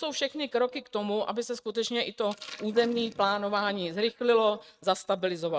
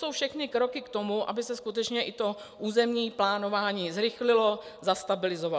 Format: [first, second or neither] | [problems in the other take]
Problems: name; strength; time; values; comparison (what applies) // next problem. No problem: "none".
second | noise reduction (neural mask model RNNoise)